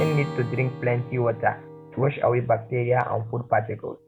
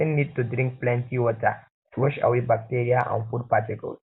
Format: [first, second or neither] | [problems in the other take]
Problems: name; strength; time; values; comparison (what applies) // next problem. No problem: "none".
second | background sound (Acoustic guitar / Strum); 13 dB below the speech